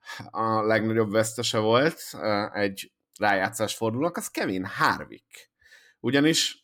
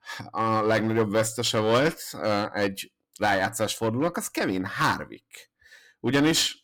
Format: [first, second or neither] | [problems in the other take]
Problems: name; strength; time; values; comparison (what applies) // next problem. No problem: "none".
first | distortion; slight; 6% of the sound clipped